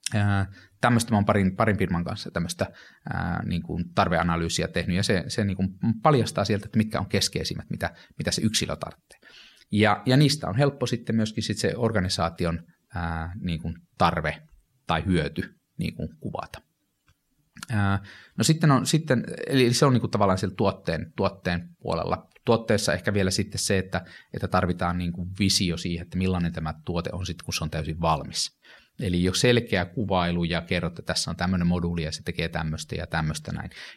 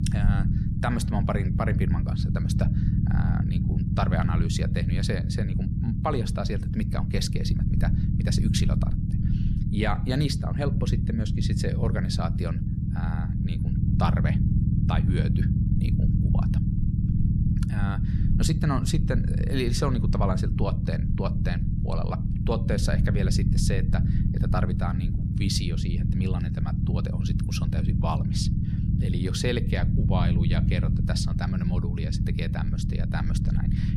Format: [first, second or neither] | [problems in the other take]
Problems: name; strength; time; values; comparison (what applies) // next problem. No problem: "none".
first | low rumble; loud; throughout; 3 dB below the speech